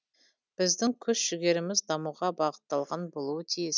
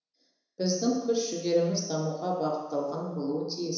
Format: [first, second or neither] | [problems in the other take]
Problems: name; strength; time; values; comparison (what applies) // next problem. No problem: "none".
first | room echo; dies away in 1 s